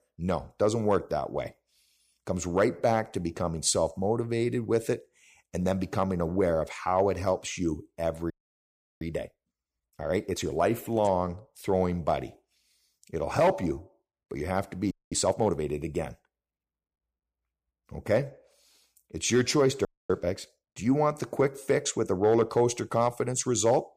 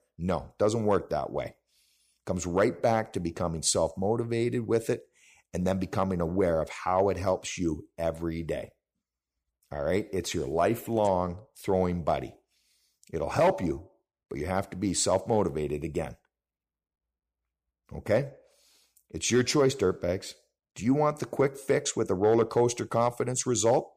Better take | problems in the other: second | audio freezing; at 8.5 s for 0.5 s, at 15 s and at 20 s

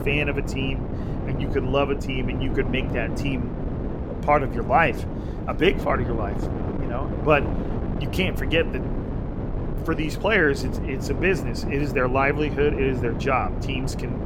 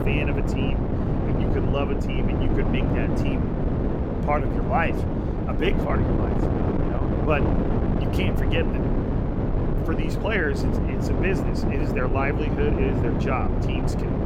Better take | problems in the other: first | wind noise on the microphone; heavy; 1 dB below the speech; occasional gusts in the first

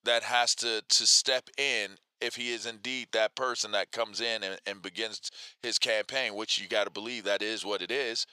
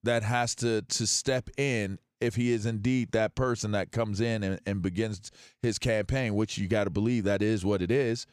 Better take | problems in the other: second | thin; very; fading below 700 Hz

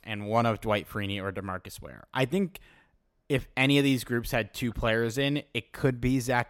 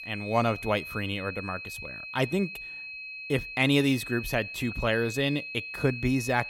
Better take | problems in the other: first | high-pitched whine; loud; throughout; 2.5 kHz, 9 dB below the speech

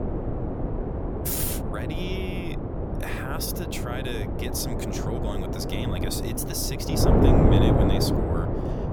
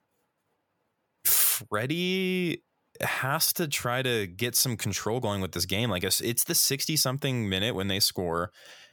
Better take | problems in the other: second | wind noise on the microphone; heavy; 4 dB above the speech

